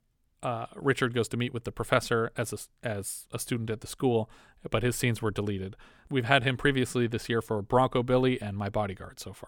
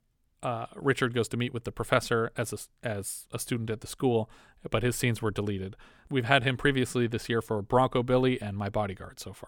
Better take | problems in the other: neither | none

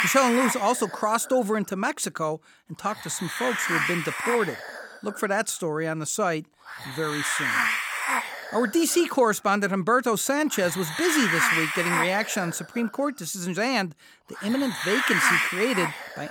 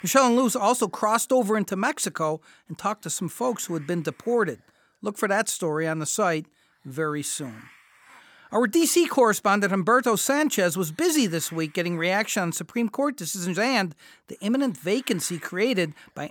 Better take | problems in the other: second | hiss; loud; throughout; as loud as the speech; faint in the second

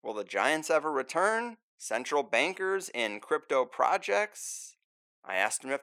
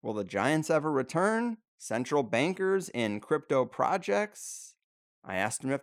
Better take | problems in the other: second | thin; somewhat; fading below 500 Hz

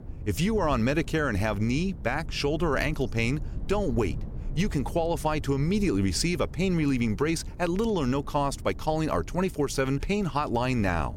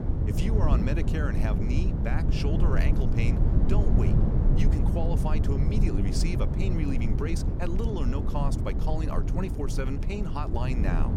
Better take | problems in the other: first | low rumble; loud; throughout; 2 dB below the speech; faint in the first

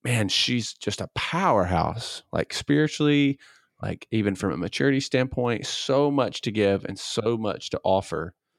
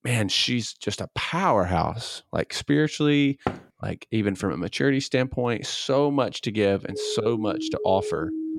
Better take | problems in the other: first | door banging; noticeable; at 3.5 s; peak 7 dB below the speech // siren; noticeable; from 7 s on; peak 6 dB below the speech

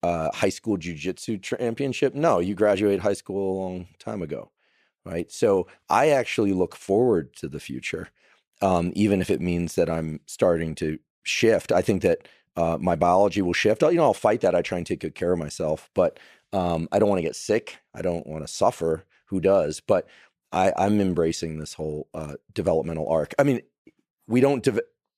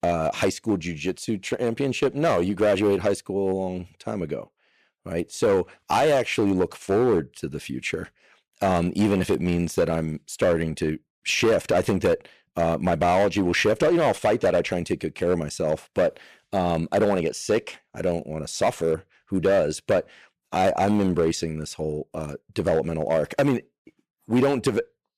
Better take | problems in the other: first | distortion; slight; 6% of the sound clipped

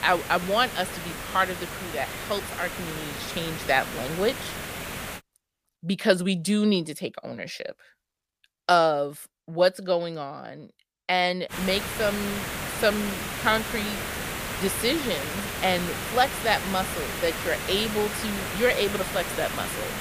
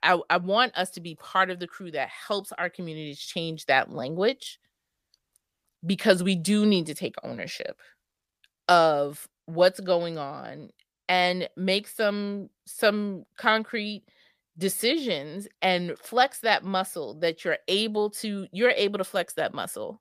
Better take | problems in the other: second | hiss; loud; until 5 s and from 12 s on; 5 dB below the speech

